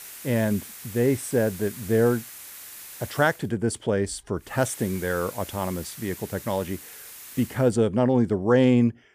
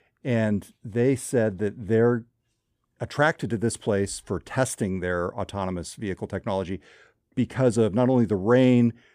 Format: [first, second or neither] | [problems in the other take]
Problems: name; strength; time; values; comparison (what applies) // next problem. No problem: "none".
second | hiss; noticeable; until 3.5 s and from 4.5 to 7.5 s; 15 dB below the speech